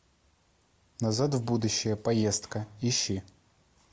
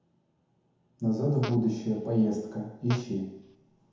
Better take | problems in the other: first | background sound (Fart); 17 dB below the speech // room echo; dies away in 1 s

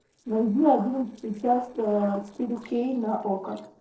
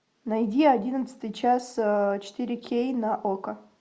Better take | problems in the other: second | noise reduction (neural separator model SepFormer DNS4)

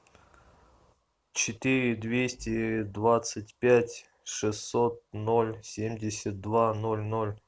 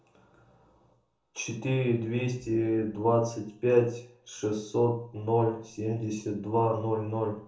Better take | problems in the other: first | room echo; dies away in 0.8 s

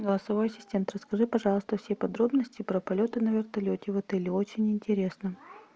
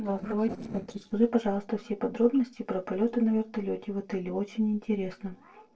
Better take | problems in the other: first | noise reduction (neural separator model SepFormer DNS4)

